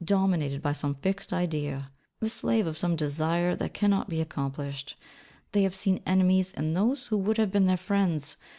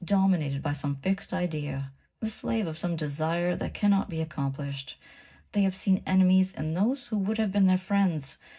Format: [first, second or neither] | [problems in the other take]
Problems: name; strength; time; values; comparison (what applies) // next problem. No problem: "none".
first | room echo; dies away in 0.4 s